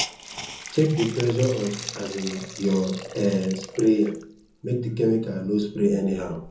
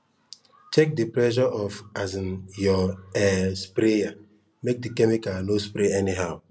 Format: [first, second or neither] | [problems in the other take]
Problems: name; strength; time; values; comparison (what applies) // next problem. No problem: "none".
second | background sound (Hiss); 14 dB below the speech // room echo; dies away in 0.5 s